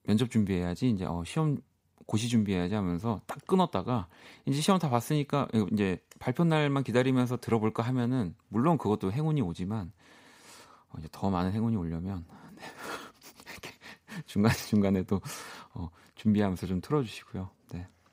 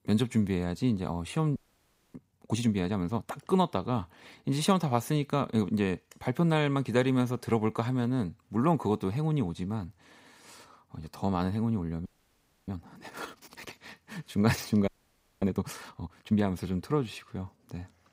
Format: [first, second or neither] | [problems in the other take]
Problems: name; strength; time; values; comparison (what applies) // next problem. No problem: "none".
first | audio freezing; at 1.5 s for 0.5 s, at 12 s for 0.5 s and at 15 s for 0.5 s